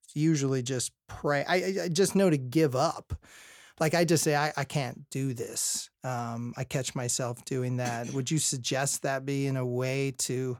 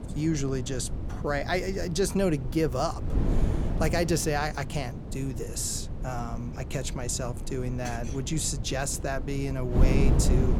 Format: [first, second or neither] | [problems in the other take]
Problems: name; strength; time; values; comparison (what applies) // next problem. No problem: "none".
first | wind noise on the microphone; heavy; 10 dB below the speech